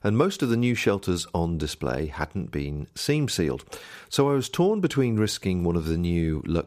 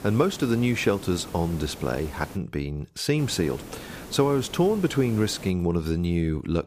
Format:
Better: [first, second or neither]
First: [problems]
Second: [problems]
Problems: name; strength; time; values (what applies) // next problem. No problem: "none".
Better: first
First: none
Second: hiss; noticeable; until 2.5 s and from 3 to 5.5 s; 15 dB below the speech